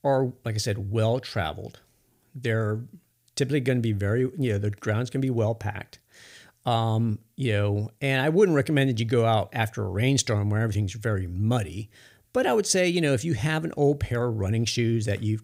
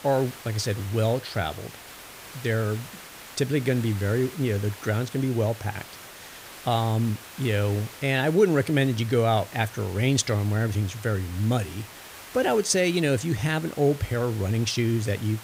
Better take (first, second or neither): first